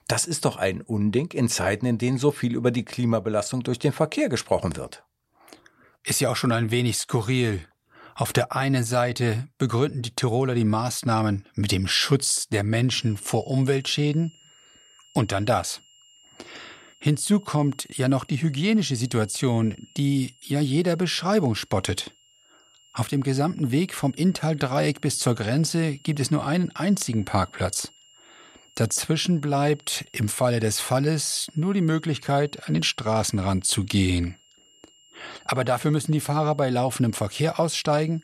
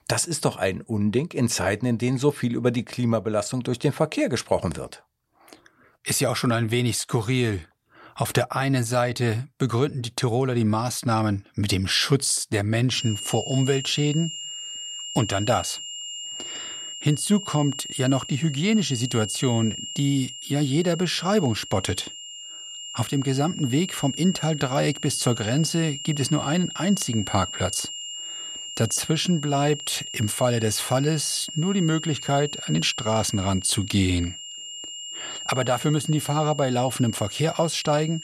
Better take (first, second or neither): first